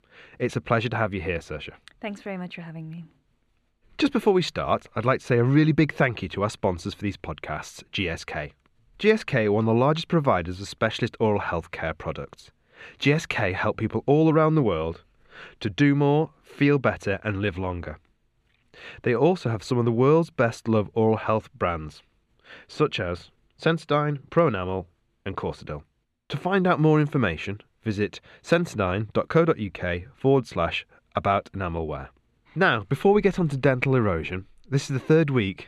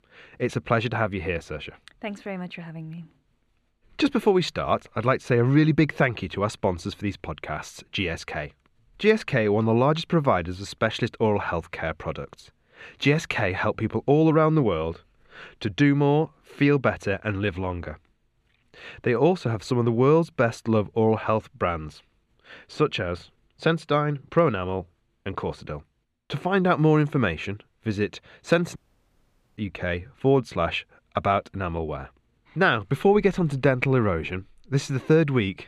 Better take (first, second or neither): first